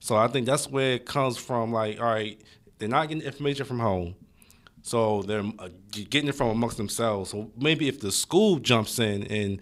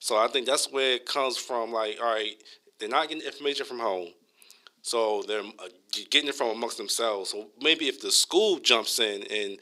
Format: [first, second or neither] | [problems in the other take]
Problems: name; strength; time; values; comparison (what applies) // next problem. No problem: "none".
first | thin; somewhat; fading below 350 Hz